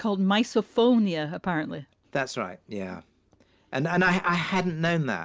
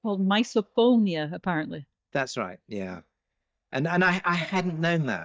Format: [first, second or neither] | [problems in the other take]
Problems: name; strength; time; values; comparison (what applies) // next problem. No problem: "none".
first | noise reduction (neural mask model DeepFilterNet 3)